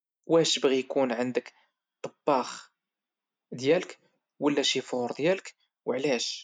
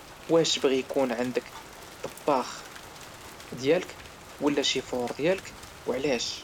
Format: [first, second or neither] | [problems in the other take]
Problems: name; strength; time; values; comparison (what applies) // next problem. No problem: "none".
first | background sound (Rain); 16 dB below the speech